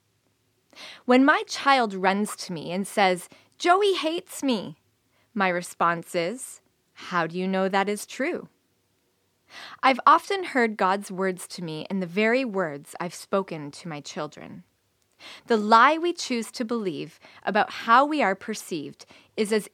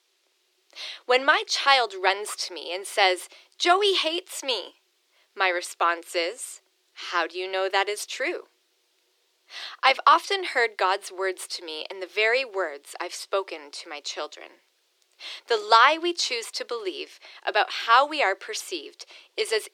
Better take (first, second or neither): first